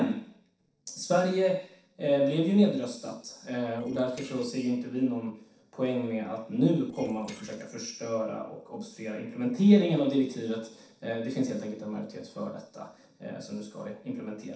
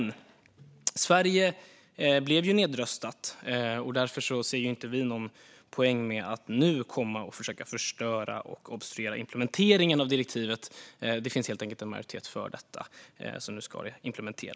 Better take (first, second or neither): second